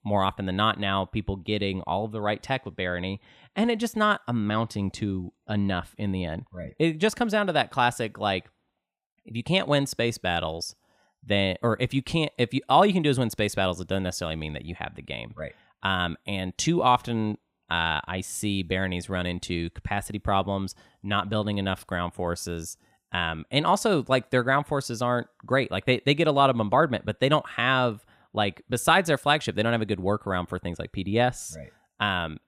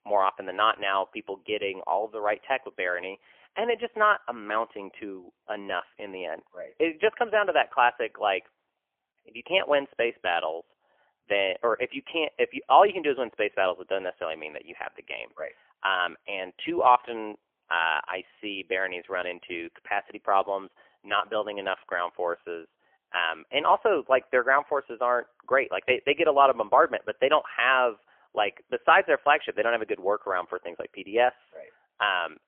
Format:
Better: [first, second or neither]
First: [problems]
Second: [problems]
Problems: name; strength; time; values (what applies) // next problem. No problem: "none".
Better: first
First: none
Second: phone-call audio; poor line; nothing above 3 kHz